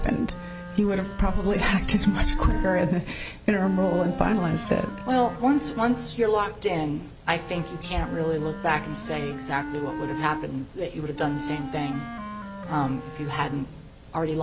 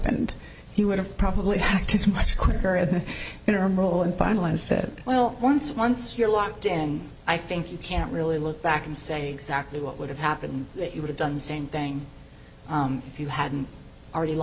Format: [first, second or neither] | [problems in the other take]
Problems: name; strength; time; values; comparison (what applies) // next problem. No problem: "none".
second | background sound (Wind instrument, woodwind instrument); 11 dB below the speech